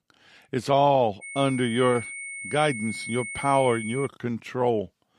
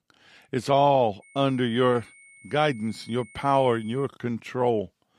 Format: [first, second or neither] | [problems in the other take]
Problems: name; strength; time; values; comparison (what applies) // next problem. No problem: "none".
second | high-pitched whine; loud; from 1 to 4 s; 2 kHz, 9 dB below the speech; faint in the second